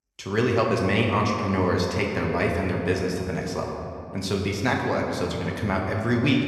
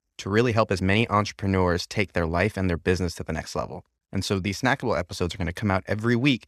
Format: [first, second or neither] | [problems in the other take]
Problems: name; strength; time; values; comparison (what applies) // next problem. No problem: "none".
second | room echo; noticeable; dies away in 2 s // off-mic speech; somewhat distant